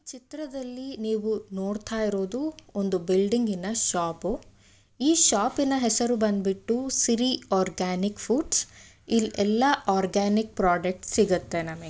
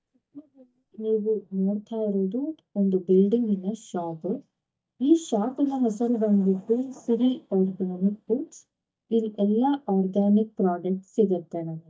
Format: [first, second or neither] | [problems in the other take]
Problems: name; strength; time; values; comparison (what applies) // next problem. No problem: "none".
first | noise reduction (neural mask model DeepFilterNet 3)